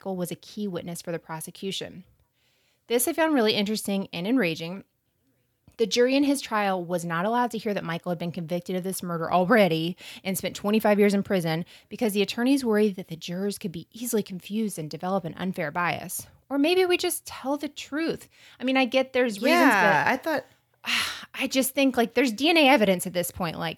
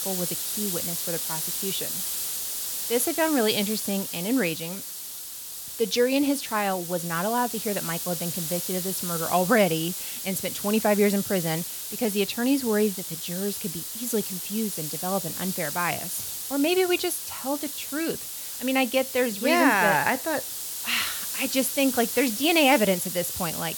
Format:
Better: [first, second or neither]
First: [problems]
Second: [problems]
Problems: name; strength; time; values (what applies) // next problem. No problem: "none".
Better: first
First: none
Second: hiss; loud; throughout; 4 dB below the speech